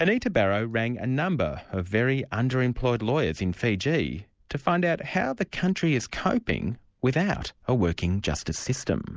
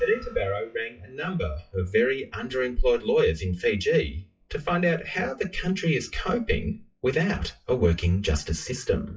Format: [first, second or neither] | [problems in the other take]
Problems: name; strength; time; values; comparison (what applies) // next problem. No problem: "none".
first | noise reduction (classical method WPE with log-MMSE)